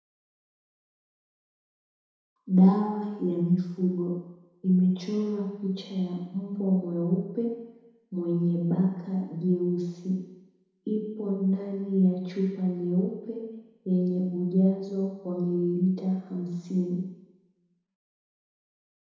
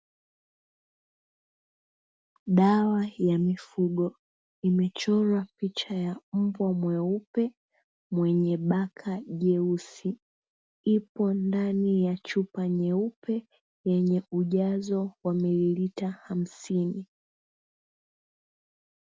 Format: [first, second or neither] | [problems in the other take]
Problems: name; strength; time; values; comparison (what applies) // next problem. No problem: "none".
second | room echo; dies away in 1 s